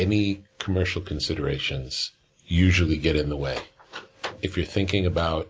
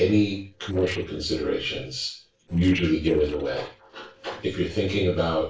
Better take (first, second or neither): first